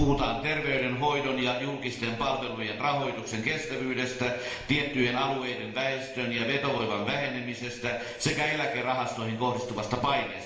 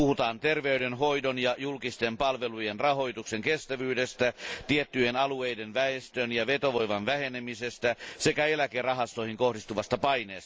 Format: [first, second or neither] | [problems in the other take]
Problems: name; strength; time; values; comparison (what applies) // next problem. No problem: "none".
second | room echo; dies away in 1.1 s